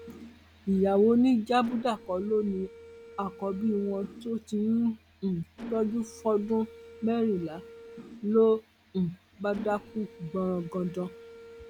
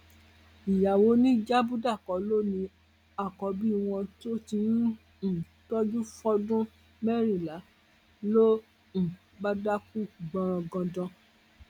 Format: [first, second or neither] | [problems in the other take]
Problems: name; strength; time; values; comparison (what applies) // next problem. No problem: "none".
second | background sound (Mechanisms); 19 dB below the speech